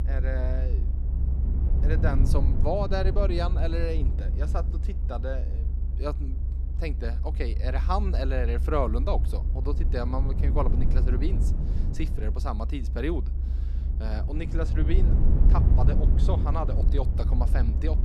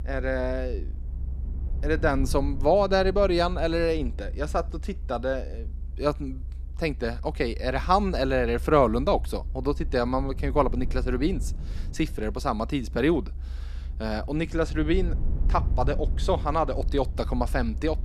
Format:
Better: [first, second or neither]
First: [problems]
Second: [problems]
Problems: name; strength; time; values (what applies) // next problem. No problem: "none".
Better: second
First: low rumble; loud; throughout; 9 dB below the speech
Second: low rumble; faint; throughout; 25 dB below the speech